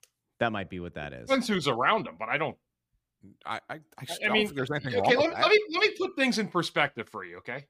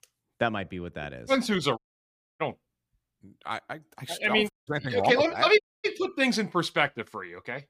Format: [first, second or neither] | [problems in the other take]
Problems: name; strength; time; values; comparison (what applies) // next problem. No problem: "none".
first | audio cutting out; at 2 s for 0.5 s, at 4.5 s and at 5.5 s